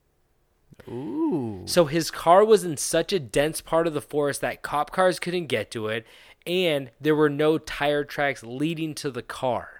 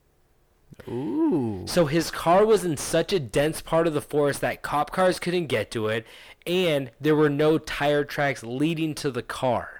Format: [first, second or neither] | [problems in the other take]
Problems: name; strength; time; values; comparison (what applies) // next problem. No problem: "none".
first | distortion; slight; 9 dB below the speech